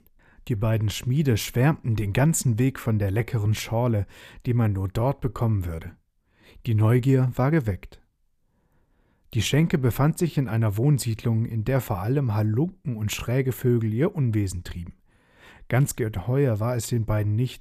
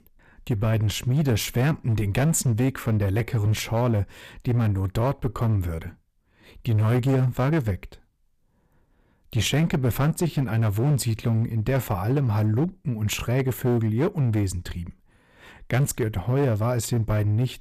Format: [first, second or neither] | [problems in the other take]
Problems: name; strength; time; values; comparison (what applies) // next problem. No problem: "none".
first | distortion; slight; 10% of the sound clipped